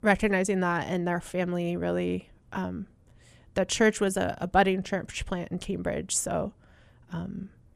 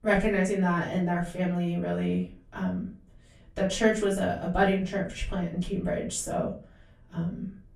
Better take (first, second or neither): first